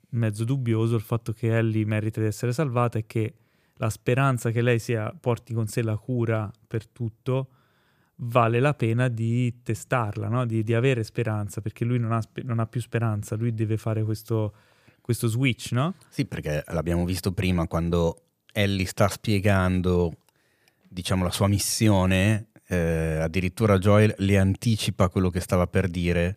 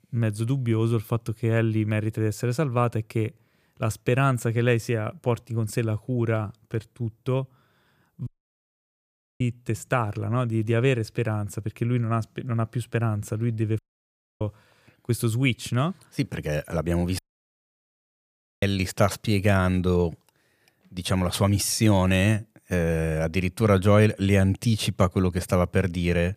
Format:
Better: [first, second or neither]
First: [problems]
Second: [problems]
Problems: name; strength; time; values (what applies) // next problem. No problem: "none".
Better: first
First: none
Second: audio cutting out; at 8.5 s for 1 s, at 14 s for 0.5 s and at 17 s for 1.5 s